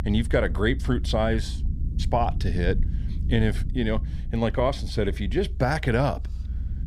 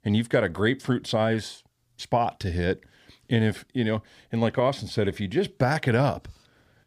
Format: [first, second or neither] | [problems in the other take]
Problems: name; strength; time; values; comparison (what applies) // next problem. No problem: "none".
second | low rumble; noticeable; throughout; 20 dB below the speech